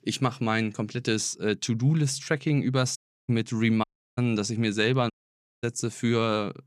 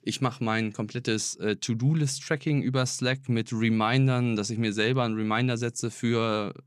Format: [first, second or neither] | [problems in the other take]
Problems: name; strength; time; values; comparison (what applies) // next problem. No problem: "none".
second | audio cutting out; at 3 s, at 4 s and at 5 s for 0.5 s